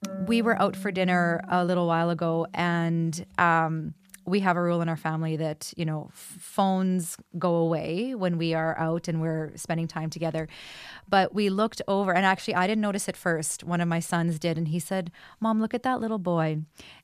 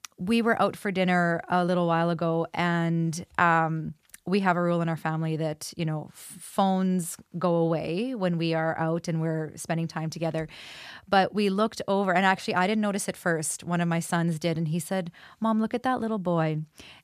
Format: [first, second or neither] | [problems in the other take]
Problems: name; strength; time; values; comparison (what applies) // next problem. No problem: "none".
second | background music; noticeable; throughout; 15 dB below the speech